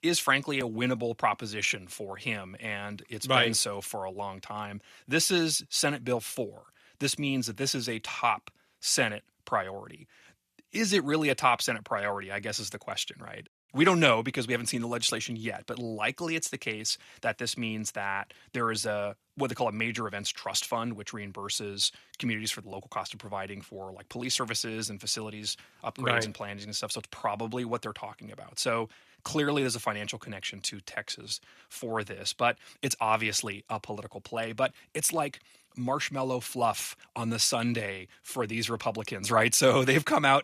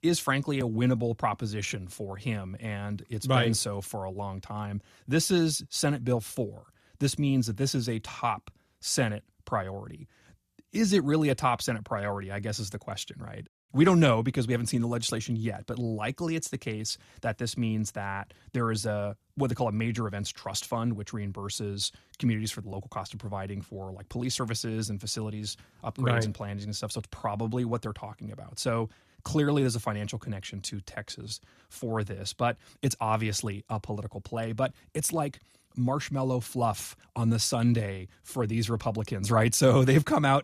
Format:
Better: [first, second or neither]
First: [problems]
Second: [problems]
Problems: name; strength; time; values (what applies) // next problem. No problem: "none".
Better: second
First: thin; somewhat; fading below 900 Hz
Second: none